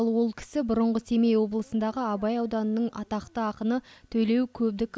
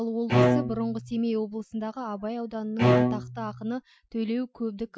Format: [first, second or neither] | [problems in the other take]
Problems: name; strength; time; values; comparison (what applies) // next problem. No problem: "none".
first | noise reduction (classical method Wiener filter)